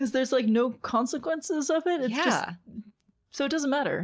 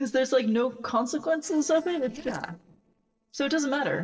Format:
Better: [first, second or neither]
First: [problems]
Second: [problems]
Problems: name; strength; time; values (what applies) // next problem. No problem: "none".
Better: first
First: none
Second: noise reduction (neural separator model SepFormer DNS4)